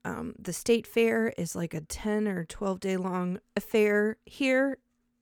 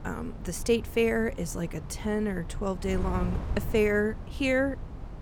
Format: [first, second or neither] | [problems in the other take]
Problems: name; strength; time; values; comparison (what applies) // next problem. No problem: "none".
first | wind noise on the microphone; occasional gusts; 15 dB below the speech